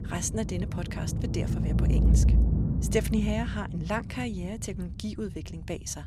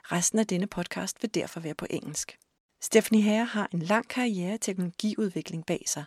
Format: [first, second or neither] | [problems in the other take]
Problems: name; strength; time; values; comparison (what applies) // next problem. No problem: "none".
second | low rumble; loud; throughout; 5 dB below the speech